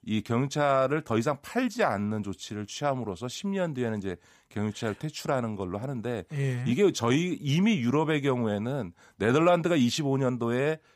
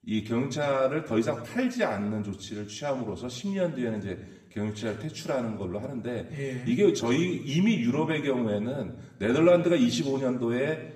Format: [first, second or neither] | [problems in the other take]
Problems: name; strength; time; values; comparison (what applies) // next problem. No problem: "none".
first | room echo; slight; dies away in 0.8 s // off-mic speech; somewhat distant